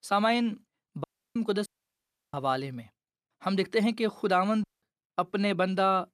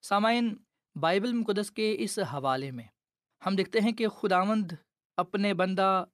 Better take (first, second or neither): second